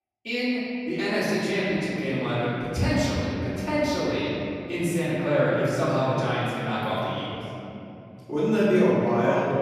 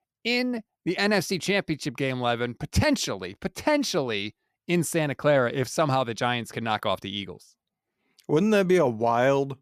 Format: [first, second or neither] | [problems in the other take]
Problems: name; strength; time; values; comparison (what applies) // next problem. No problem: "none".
second | off-mic speech; far // room echo; strong; dies away in 3 s